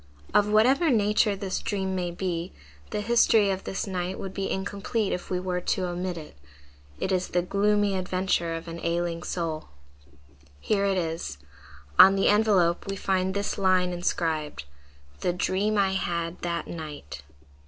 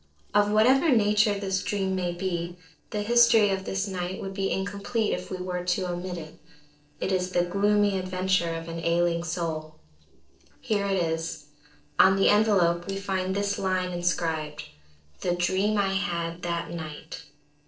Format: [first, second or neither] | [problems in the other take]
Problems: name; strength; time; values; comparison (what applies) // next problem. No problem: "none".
first | noise reduction (neural separator model SepFormer DNS4)